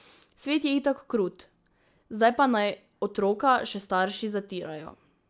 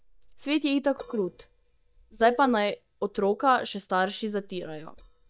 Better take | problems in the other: first | noise reduction (neural mask model DeepFilterNet 3)

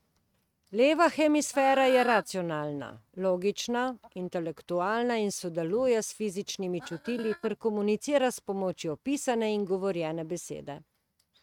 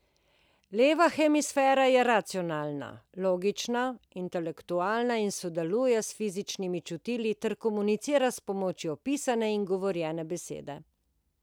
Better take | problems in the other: second | noise reduction (neural mask model RNNoise)

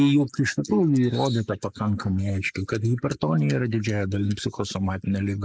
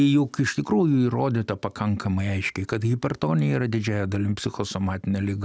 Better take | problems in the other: second | noise reduction (neural mask model Resemble Enhance denoiser)

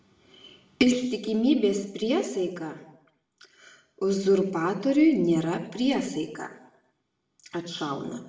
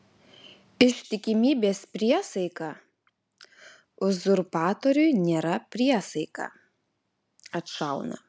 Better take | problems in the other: second | room echo; dies away in 0.7 s

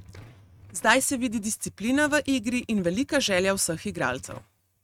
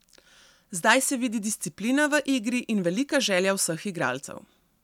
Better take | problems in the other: second | noise reduction (neural mask model RNNoise)

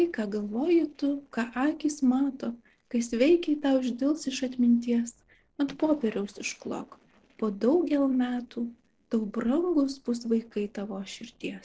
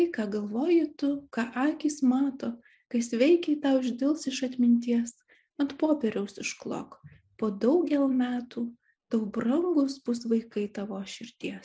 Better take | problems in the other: second | noise reduction (neural separator model SepFormer DNS4)

